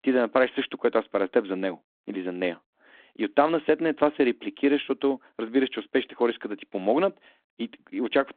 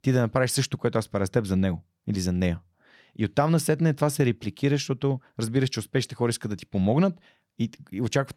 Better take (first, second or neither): second